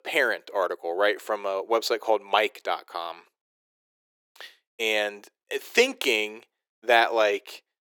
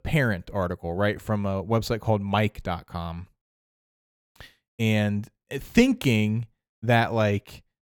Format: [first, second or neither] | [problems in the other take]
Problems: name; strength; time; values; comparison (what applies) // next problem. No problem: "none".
second | thin; very; fading below 350 Hz